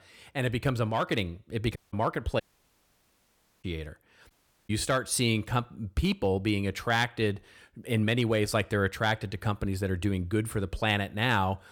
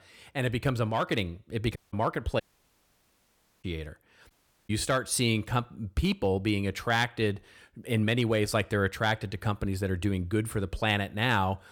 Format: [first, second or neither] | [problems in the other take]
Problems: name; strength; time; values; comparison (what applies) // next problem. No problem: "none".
neither | audio cutting out; at 2 s, at 2.5 s for 1 s and at 4.5 s; the same in both